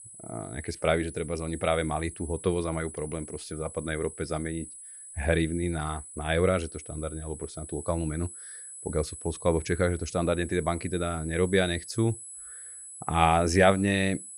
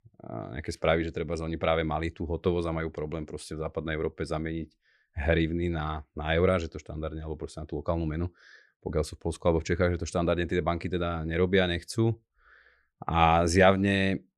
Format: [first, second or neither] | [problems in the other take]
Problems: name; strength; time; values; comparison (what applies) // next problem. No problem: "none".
second | high-pitched whine; noticeable; throughout; 10 kHz, 15 dB below the speech